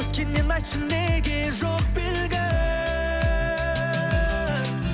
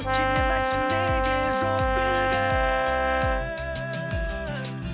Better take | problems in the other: first | background sound (Brass instrument); 4 dB above the speech

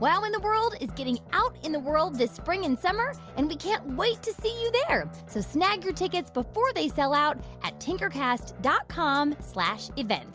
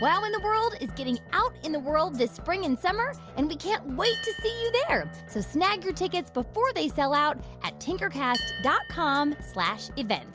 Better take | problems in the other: first | background sound (Bell); 15 dB below the speech

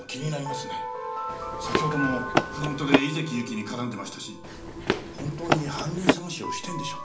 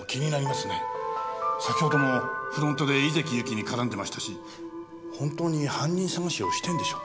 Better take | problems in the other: second | background sound (Run); 3 dB above the speech // room echo; dies away in 0.4 s

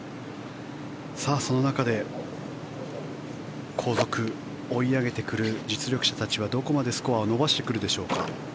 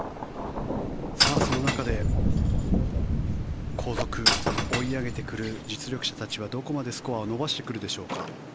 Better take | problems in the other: first | background sound (Shatter / Crushing + Thunder); 4 dB above the speech

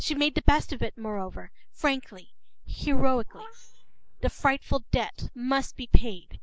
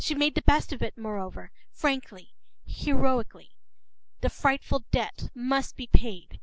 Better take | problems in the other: second | noise reduction (neural mask model Resemble Enhance denoiser)

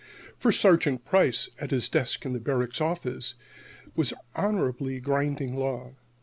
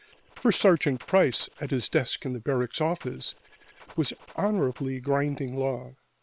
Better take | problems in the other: first | noise reduction (neural separator model SepFormer WHAM!)

